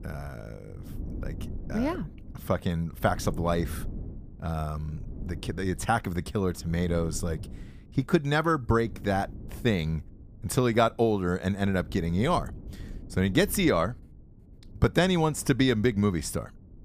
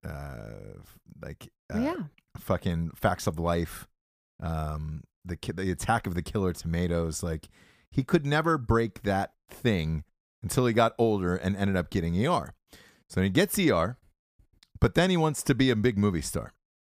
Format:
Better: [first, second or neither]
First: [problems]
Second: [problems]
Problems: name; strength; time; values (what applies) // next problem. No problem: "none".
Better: second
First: wind noise on the microphone; occasional gusts; 25 dB below the speech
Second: none